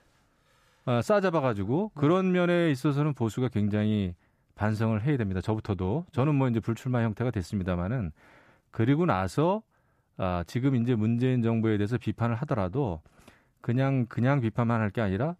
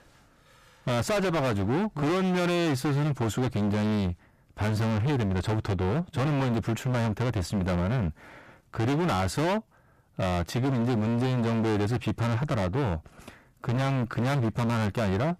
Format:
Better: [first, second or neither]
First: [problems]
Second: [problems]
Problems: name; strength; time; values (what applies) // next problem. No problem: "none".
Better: first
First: none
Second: distortion; heavy; 35% of the sound clipped